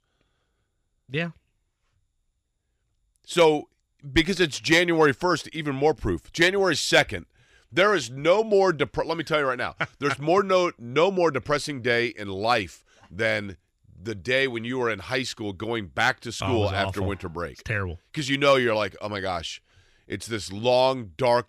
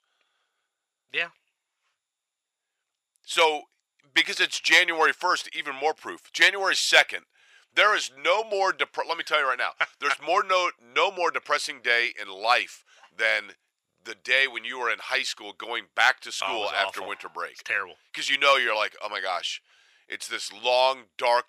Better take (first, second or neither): first